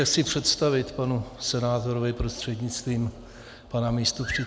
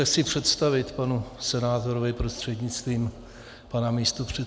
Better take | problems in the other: second | background sound (Bird vocalization, bird call, bird song); 17 dB below the speech

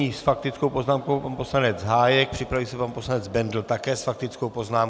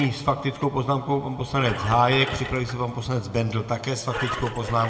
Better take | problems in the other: first | background sound (Engine); 12 dB below the speech // room echo; dies away in 1.4 s

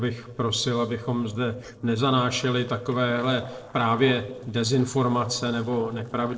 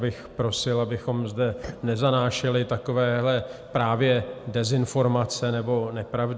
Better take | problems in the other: second | noise reduction (neural separator model SepFormer DNS4)

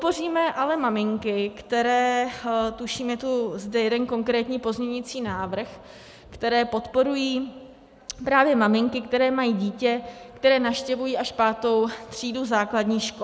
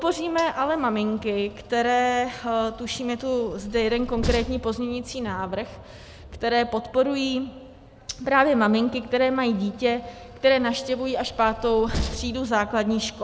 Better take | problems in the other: first | background sound (Train); 13 dB below the speech

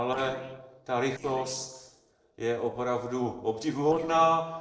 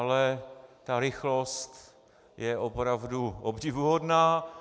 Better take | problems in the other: second | noise reduction (neural separator model SepFormer DNS4)

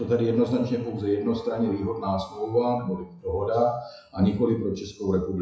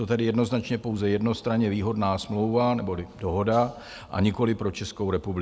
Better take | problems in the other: second | noise reduction (classical method WPE with log-MMSE)

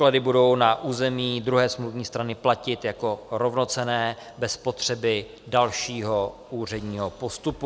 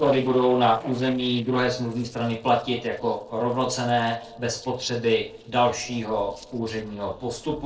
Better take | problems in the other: first | noise reduction (neural separator model SepFormer DNS4)

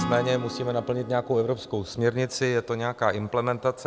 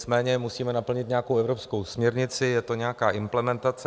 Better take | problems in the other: second | background sound (Acoustic guitar / Strum); 12 dB below the speech

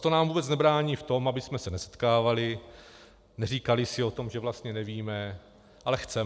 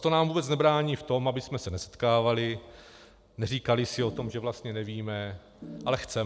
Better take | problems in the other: first | background sound (Organ); 12 dB below the speech

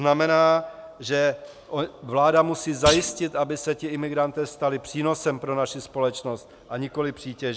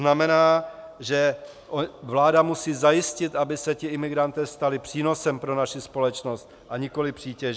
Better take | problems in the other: second | background sound (Thump, thud); 9 dB below the speech

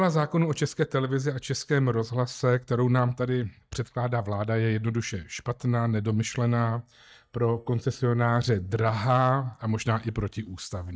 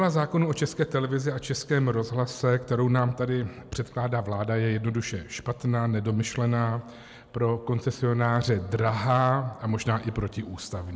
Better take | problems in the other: second | noise reduction (neural mask model DeepFilterNet 3)

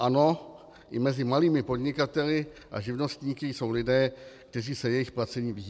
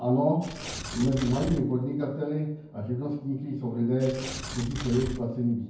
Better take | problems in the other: first | background sound (Tearing); 10 dB below the speech // room echo; dies away in 0.9 s

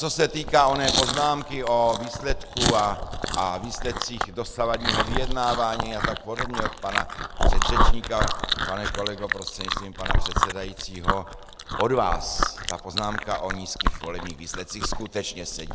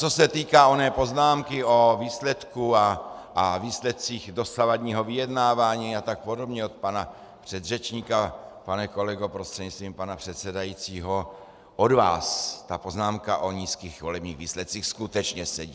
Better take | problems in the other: second | background sound (Chewing, mastication); 2 dB above the speech

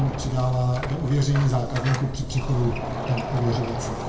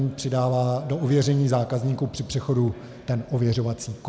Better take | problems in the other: second | background sound (Door); 7 dB below the speech // room echo; dies away in 2 s

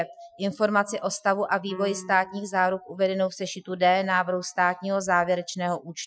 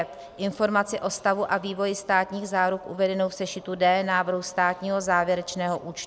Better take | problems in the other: second | noise reduction (classical method Wiener filter)

